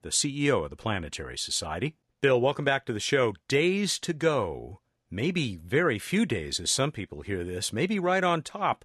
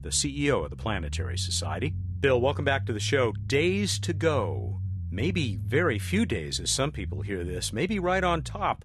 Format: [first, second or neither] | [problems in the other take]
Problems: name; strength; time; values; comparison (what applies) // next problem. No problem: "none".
first | low rumble; faint; throughout; 20 dB below the speech